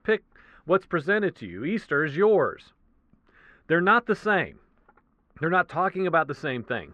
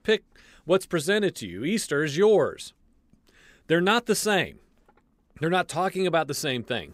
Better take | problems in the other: second | muffled; very; fading above 2 kHz

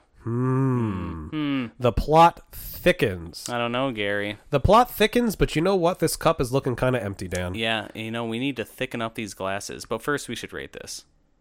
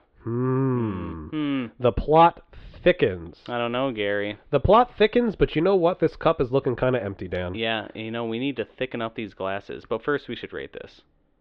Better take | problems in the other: first | muffled; very; fading above 3.5 kHz

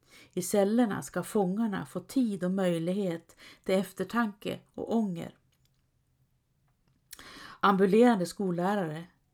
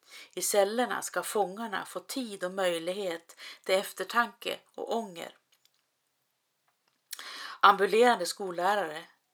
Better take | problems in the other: first | thin; very; fading below 600 Hz

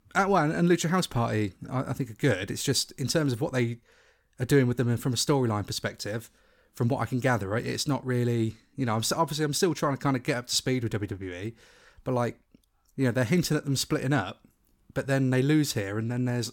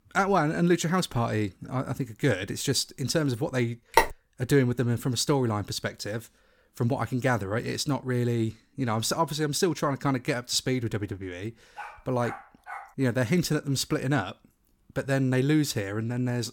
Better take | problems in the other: first | phone ringing; loud; at 4 s; peak 3 dB above the speech // dog barking; faint; from 12 to 13 s; peak 15 dB below the speech

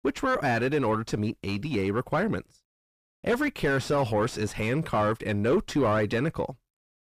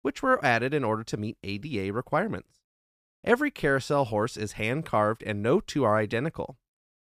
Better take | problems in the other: second | distortion; heavy; 7 dB below the speech

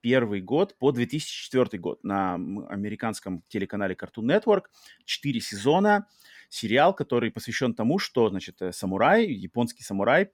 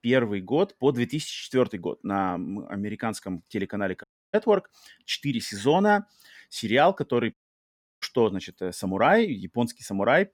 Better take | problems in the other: first | audio cutting out; at 4 s and at 7.5 s for 0.5 s

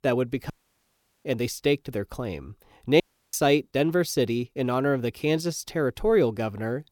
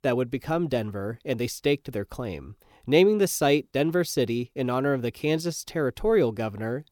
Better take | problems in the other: second | audio cutting out; at 0.5 s for 1 s and at 3 s

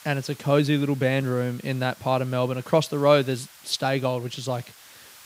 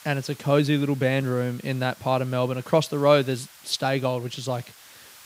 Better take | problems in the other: neither | hiss; faint; throughout; 25 dB below the speech; the same in both

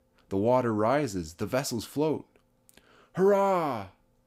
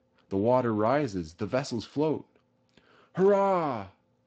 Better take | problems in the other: first | garbled, watery; slightly; nothing above 7.5 kHz

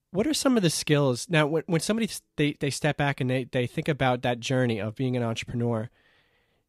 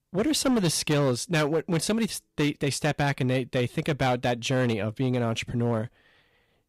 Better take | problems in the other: first | distortion; slight; 10% of the sound clipped

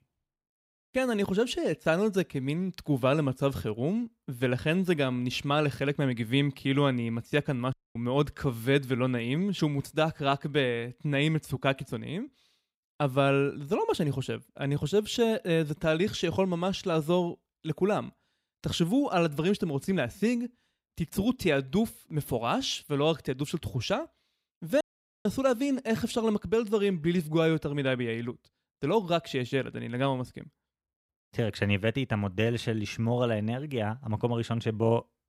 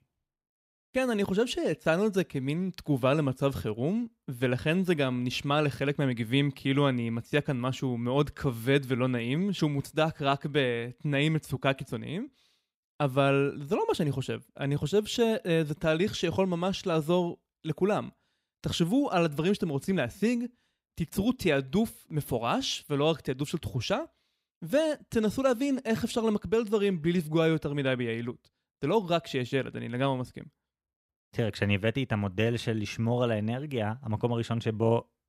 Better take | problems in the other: second | audio cutting out; at 7.5 s and at 25 s

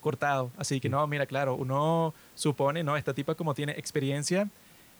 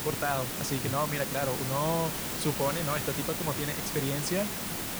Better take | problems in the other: first | hiss; loud; throughout; as loud as the speech; faint in the first

